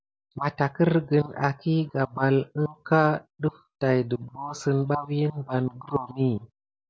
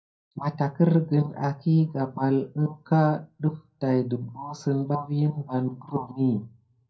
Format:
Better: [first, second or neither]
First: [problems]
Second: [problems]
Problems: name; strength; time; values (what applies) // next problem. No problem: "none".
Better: first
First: none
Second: room echo; dies away in 0.3 s